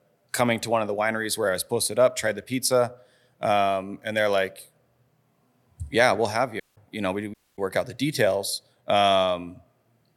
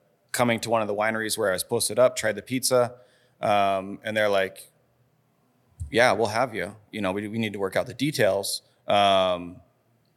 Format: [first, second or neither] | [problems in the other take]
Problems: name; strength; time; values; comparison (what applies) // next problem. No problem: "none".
second | audio cutting out; at 6.5 s and at 7.5 s